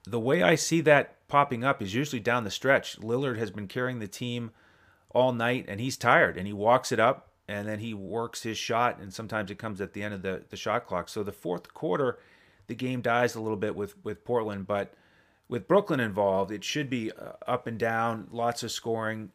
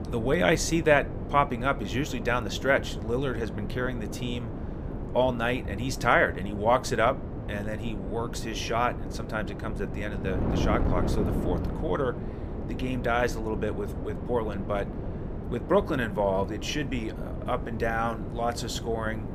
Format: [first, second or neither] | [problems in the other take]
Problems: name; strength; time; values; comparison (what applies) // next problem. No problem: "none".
first | wind noise on the microphone; occasional gusts; 10 dB below the speech